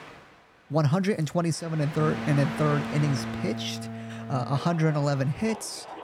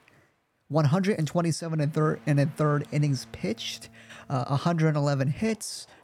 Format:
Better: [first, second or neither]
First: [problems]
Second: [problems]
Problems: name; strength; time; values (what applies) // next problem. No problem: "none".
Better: second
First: train or aircraft noise; loud; throughout; 8 dB below the speech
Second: train or aircraft noise; faint; throughout; 25 dB below the speech